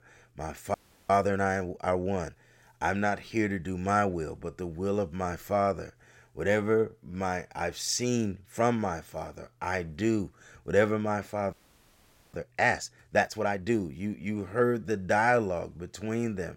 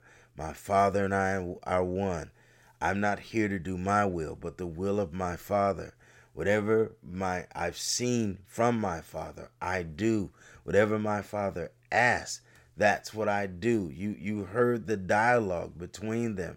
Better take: second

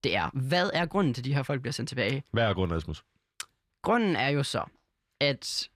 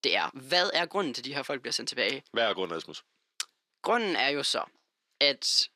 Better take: first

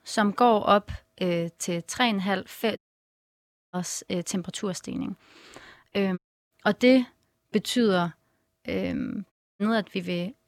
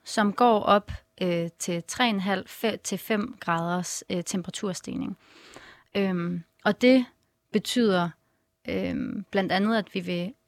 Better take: second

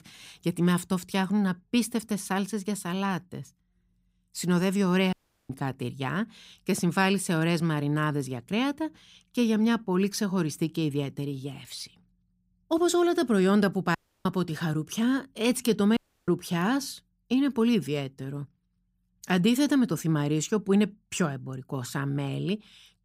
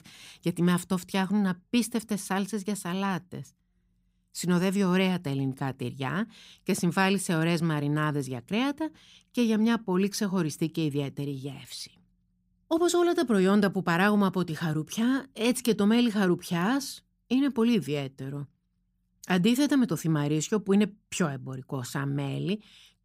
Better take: second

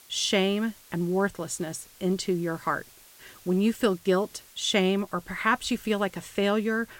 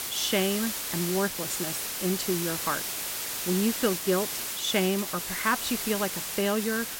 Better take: first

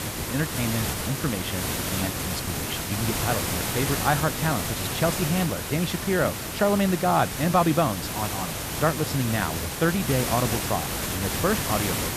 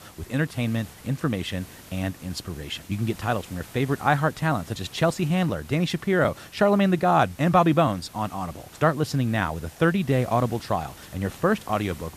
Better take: second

